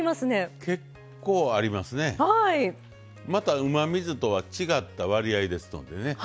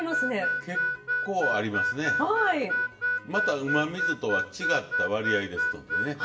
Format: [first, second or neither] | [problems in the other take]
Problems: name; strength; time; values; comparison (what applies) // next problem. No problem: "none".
first | background sound (Harmonica); 1 dB above the speech // room echo; dies away in 0.7 s